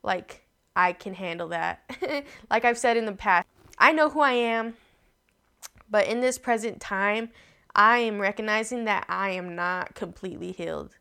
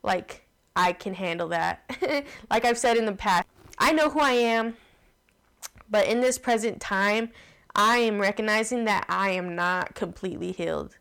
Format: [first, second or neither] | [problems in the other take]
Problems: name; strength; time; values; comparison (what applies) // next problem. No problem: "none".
first | distortion; heavy; 6% of the sound clipped